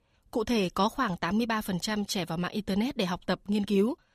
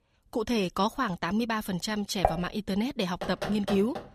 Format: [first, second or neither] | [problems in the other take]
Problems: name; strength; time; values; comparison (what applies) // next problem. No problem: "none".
first | clattering dishes; noticeable; at 2 s; peak level with the speech // door banging; noticeable; at 3 s; peak 5 dB below the speech